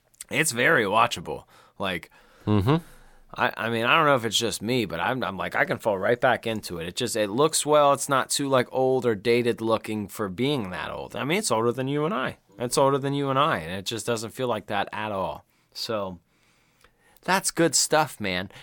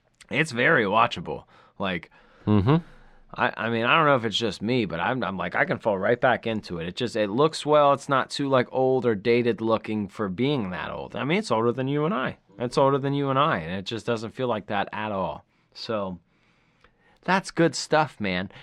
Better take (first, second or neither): first